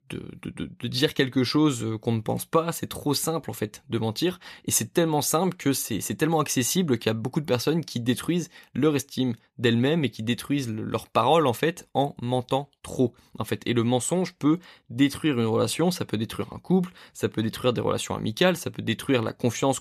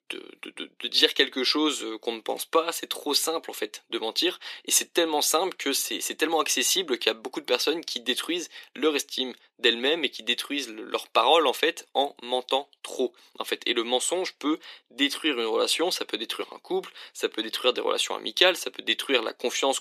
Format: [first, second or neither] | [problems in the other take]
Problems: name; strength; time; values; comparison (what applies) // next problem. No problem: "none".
first | thin; somewhat; fading below 300 Hz